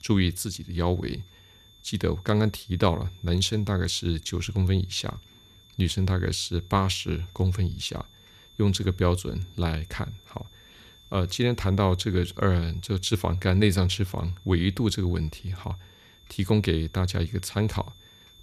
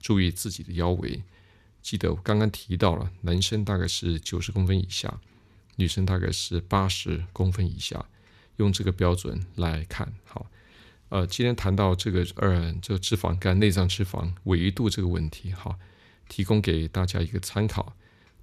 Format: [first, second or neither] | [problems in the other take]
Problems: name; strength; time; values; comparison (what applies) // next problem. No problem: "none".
second | high-pitched whine; faint; throughout; 3.5 kHz, 25 dB below the speech